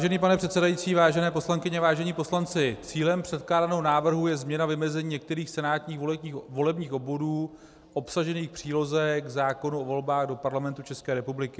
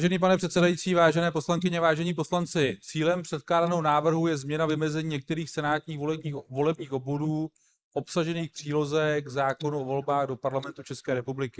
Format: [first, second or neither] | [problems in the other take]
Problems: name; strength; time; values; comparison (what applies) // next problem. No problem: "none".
first | noise reduction (neural mask model Resemble Enhance denoiser)